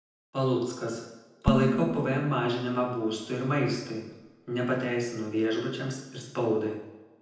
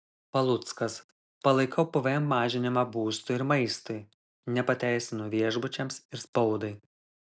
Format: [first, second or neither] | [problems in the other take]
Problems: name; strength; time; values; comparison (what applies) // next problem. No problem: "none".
second | background sound (Dishes, pots, and pans); 5 dB below the speech // room echo; dies away in 0.9 s